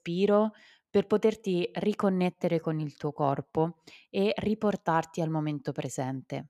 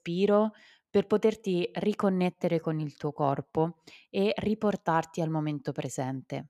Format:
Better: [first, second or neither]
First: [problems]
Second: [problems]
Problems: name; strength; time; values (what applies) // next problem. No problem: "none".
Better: neither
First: none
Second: none